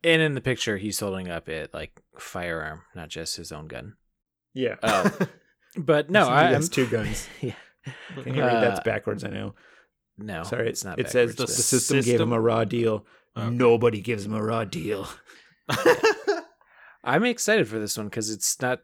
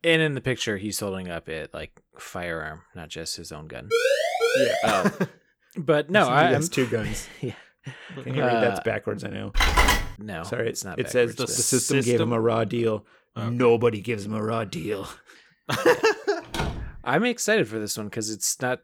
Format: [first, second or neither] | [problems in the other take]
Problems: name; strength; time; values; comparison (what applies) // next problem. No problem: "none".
first | siren; loud; at 4 s; peak 3 dB above the speech // phone ringing; loud; at 9.5 s; peak 6 dB above the speech // door banging; noticeable; at 17 s; peak 5 dB below the speech